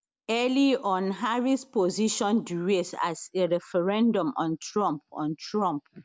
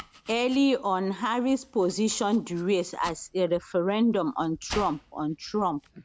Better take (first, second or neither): first